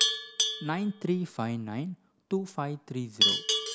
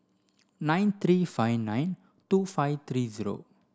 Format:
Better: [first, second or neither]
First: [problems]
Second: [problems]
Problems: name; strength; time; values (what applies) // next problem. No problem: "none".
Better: second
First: background sound (Livestock, farm animals, working animals); 2 dB above the speech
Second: none